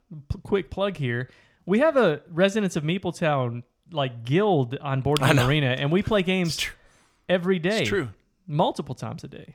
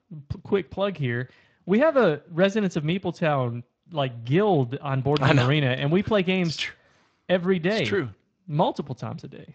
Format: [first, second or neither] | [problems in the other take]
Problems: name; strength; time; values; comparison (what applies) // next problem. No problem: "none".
first | garbled, watery; slightly